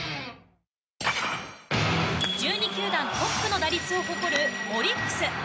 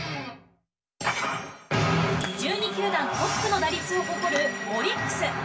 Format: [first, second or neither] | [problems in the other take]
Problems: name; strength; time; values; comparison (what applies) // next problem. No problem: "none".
first | room echo; dies away in 0.2 s